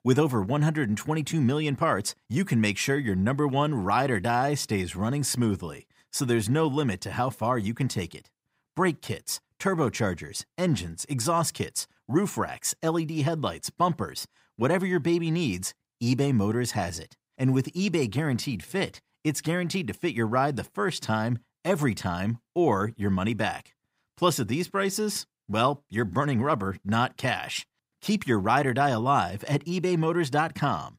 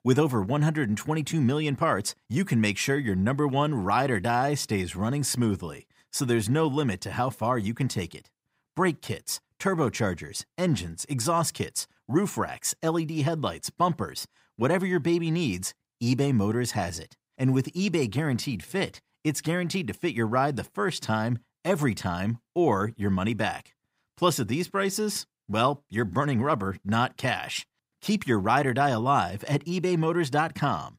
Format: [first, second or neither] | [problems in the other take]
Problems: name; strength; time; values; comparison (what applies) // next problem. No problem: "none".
neither | none